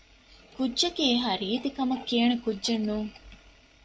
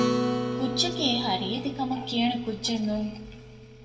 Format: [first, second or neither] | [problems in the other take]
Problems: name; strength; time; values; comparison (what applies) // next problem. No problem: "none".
first | background sound (Acoustic guitar); 2 dB below the speech // room echo; dies away in 1.5 s